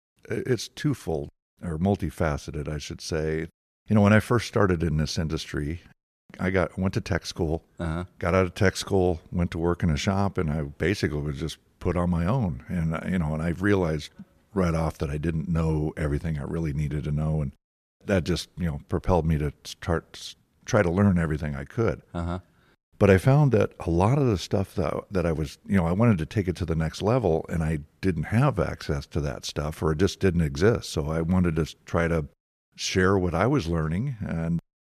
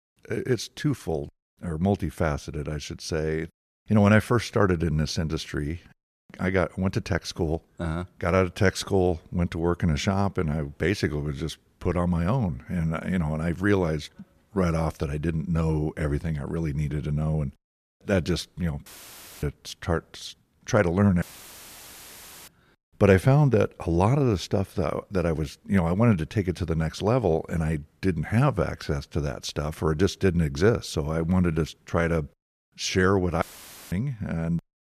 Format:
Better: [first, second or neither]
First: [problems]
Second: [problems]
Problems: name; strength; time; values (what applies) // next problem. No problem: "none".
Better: first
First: none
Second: audio cutting out; filled with static; at 19 s for 0.5 s, at 21 s for 1.5 s and at 33 s for 0.5 s